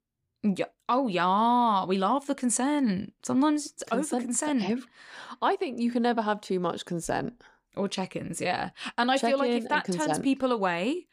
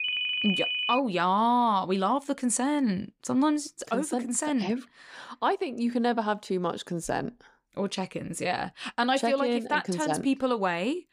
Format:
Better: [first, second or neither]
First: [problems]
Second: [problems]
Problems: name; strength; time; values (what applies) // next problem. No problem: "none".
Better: first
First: none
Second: phone ringing; loud; until 1 s; peak 1 dB above the speech